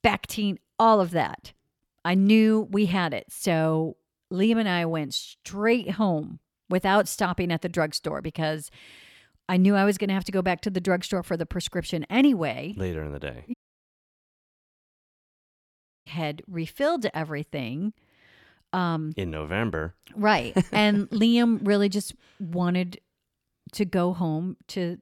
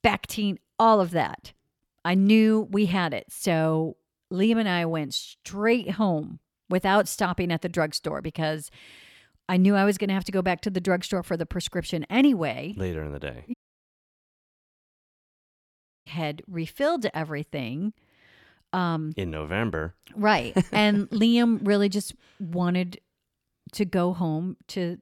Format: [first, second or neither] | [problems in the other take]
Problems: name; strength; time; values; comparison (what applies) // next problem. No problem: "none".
neither | audio cutting out; at 14 s for 2.5 s; the same in both